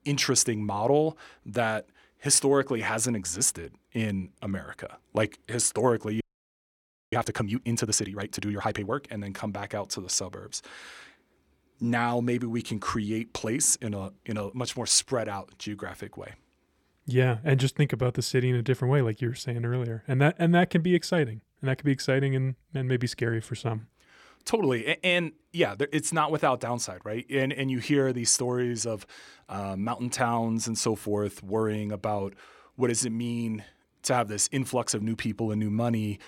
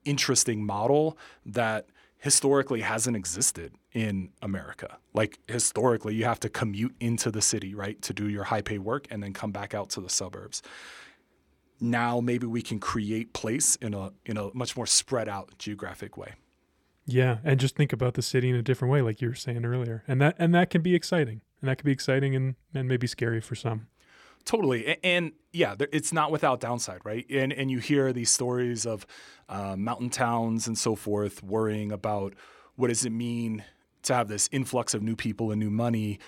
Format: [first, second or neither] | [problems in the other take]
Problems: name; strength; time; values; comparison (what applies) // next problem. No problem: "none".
second | audio freezing; at 6 s for 1 s